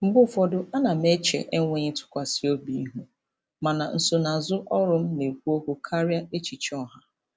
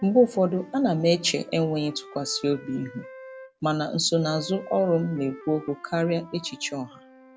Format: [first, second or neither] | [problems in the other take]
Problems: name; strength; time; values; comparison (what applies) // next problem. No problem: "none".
first | background sound (Wind instrument, woodwind instrument); 20 dB below the speech